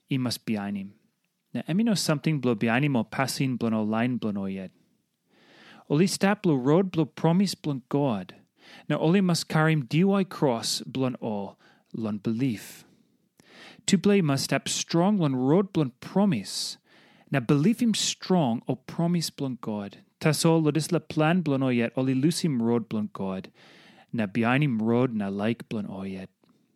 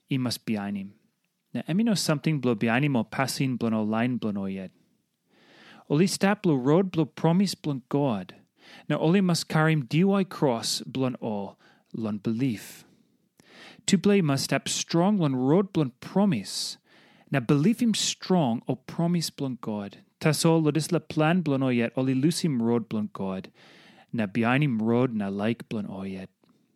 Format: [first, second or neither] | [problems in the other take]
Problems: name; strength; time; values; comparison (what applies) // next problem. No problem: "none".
neither | none